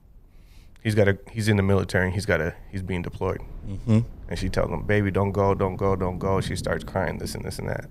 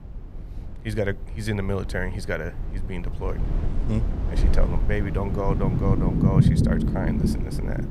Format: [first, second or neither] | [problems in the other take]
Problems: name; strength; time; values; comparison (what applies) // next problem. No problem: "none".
first | low rumble; loud; throughout; 1 dB below the speech; faint in the first